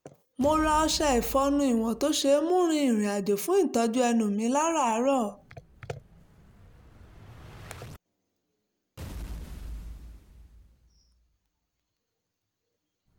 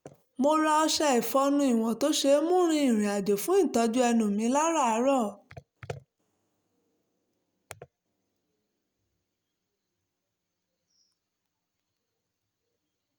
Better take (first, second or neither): second